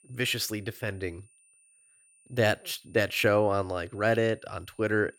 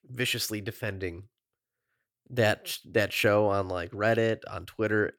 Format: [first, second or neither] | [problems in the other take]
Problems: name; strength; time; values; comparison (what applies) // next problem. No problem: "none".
second | high-pitched whine; faint; throughout; 9 kHz, 30 dB below the speech